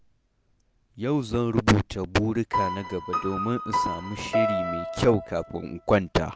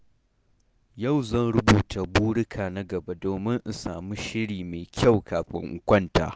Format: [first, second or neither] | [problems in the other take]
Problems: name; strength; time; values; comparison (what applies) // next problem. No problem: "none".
second | background sound (Piano); 3 dB below the speech